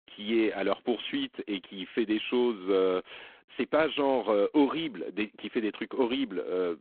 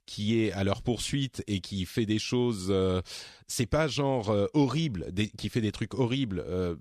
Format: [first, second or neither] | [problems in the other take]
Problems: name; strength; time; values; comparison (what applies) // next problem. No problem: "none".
second | phone-call audio; poor line